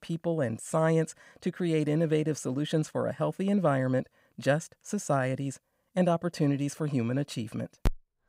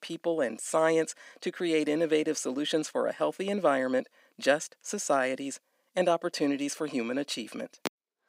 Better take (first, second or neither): first